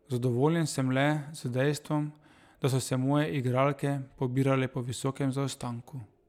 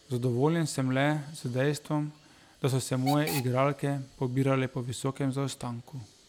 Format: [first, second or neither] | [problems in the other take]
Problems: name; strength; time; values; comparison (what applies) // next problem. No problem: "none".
first | background sound (Hiss / Alarm / Train); 17 dB below the speech